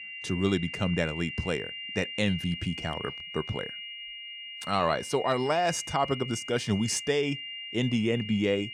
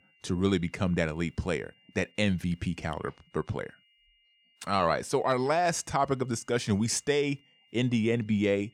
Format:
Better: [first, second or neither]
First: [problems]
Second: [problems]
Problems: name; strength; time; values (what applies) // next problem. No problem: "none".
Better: second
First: high-pitched whine; loud; throughout; 3 kHz, 8 dB below the speech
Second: high-pitched whine; faint; throughout; 3 kHz, 35 dB below the speech